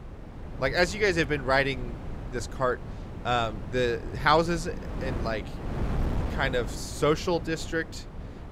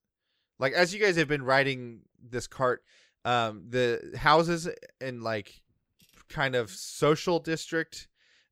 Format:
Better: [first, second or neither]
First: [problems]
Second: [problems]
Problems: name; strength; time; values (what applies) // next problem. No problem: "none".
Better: second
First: wind noise on the microphone; occasional gusts; 15 dB below the speech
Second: none